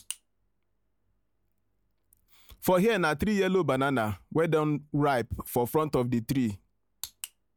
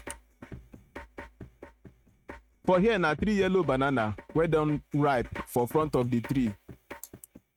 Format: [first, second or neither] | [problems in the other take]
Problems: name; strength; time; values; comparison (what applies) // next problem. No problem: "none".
first | noise reduction (neural mask model RNNoise)